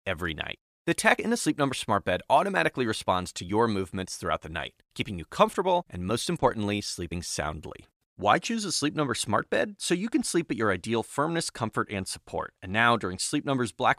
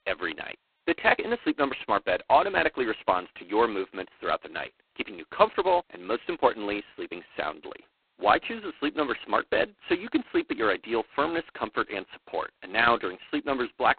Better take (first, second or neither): first